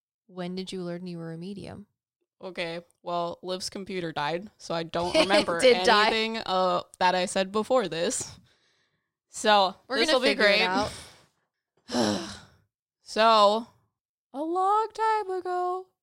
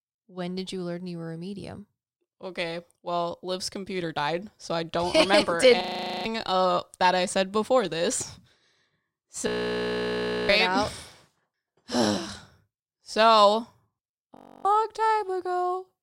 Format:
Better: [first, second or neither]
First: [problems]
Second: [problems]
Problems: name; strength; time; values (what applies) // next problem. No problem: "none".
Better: first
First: none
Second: audio freezing; at 6 s, at 9.5 s for 1 s and at 14 s